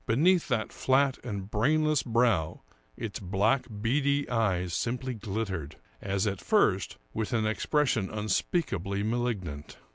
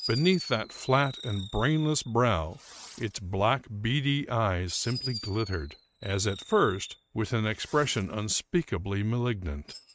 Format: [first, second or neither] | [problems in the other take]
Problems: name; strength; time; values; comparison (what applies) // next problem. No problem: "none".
first | noise reduction (neural mask model RNNoise)